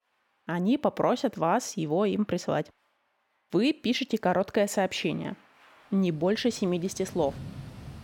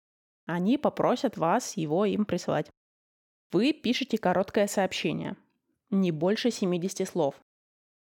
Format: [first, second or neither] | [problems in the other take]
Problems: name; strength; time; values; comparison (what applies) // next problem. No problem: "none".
second | rain or running water; noticeable; throughout; 20 dB below the speech